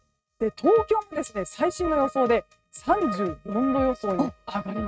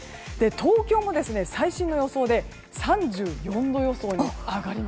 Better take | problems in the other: second | noise reduction (neural mask model RNNoise)

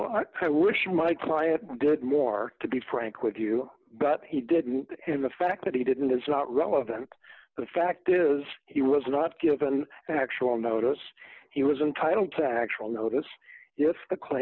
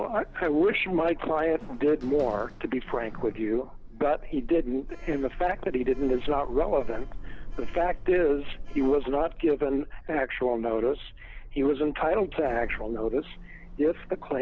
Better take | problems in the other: first | background sound (Sliding door); 9 dB below the speech

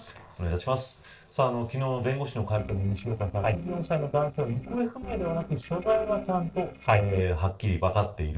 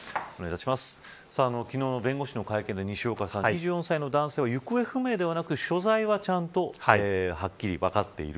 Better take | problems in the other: second | noise reduction (neural separator model SepFormer DNS4)

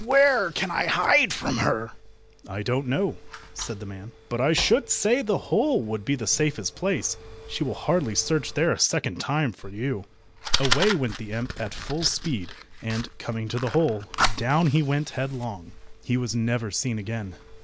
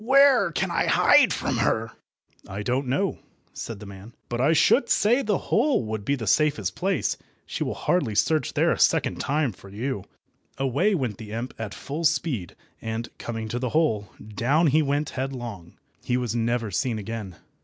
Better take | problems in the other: second | background sound (Fire); 8 dB below the speech

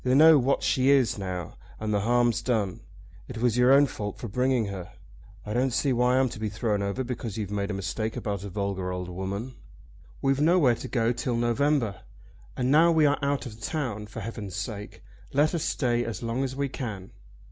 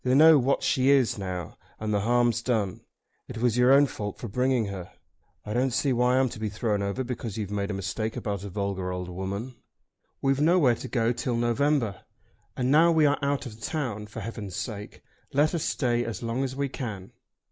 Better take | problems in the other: first | noise reduction (neural mask model Resemble Enhance denoiser)

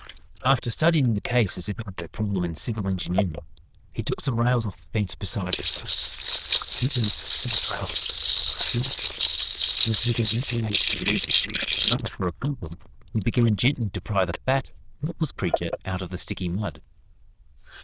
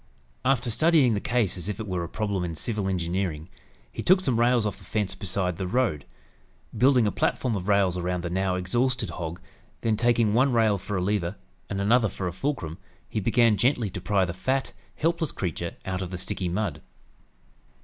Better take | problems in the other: second | noise reduction (neural diffusion model UNIVERSE++)

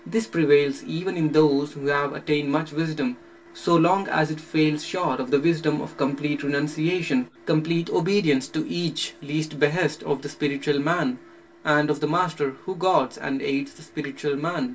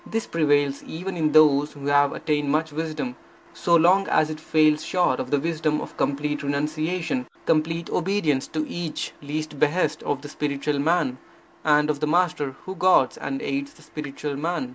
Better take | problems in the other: second | room echo; dies away in 0.1 s

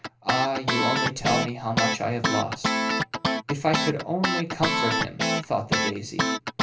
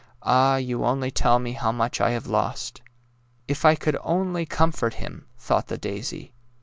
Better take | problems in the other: second | background sound (Guitar); 2 dB above the speech // room echo; dies away in 0.3 s

